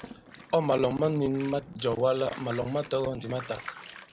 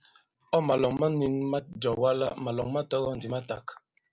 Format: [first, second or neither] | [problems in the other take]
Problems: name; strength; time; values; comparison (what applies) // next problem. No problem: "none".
second | background sound (Thunder + Bathtub (filling or washing)); 17 dB below the speech